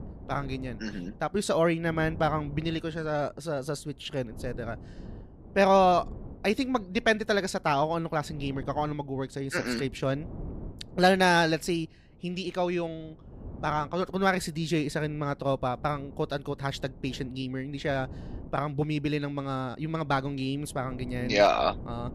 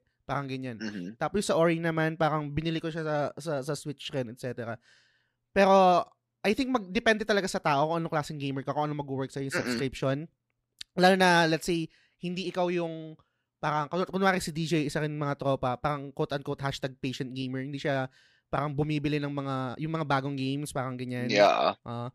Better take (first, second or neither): second